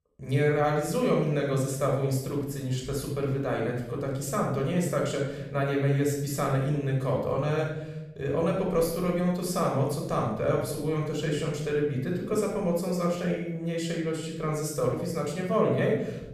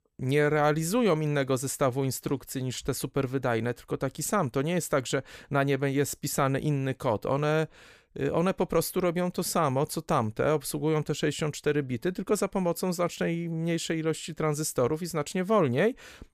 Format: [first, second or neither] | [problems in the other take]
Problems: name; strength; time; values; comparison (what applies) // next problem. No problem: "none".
second | room echo; noticeable; dies away in 1 s // off-mic speech; somewhat distant